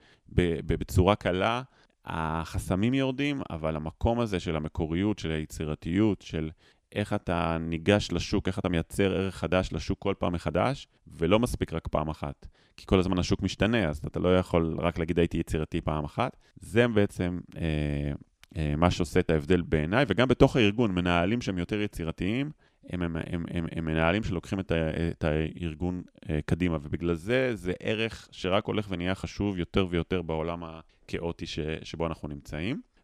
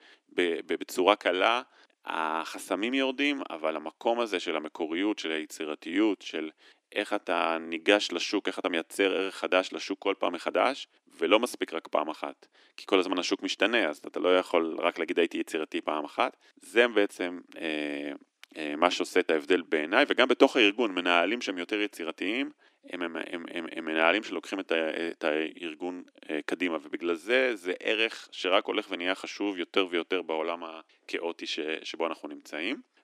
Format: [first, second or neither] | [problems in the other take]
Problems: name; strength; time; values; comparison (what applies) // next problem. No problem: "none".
first | thin; somewhat; fading below 300 Hz